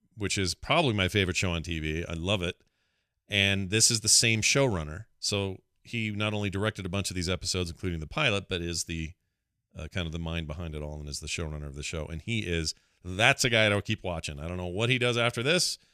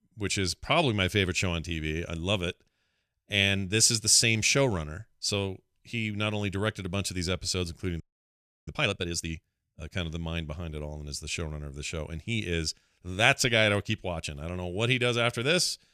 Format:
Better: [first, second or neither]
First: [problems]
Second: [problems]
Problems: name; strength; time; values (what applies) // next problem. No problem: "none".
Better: first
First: none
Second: audio freezing; at 8 s for 0.5 s